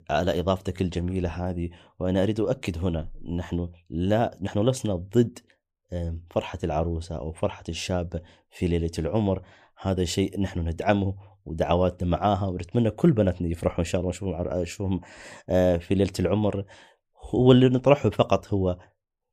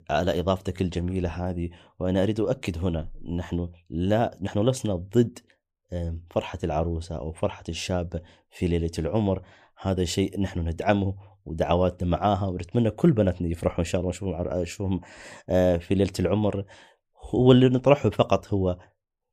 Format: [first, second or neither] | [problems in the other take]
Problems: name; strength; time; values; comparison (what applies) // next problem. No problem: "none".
neither | none